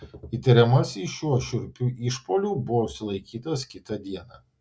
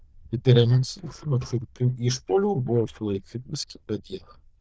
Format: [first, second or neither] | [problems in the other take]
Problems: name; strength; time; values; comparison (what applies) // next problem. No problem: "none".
first | noise reduction (neural diffusion model UNIVERSE++)